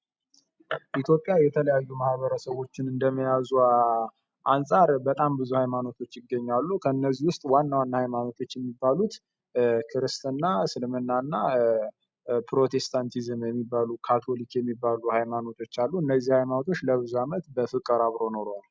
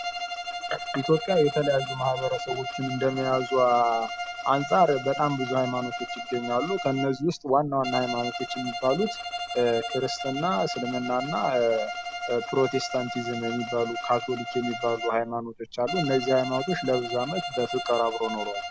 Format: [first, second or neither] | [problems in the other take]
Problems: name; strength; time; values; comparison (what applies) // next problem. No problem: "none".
first | background sound (Bowed string instrument); 7 dB below the speech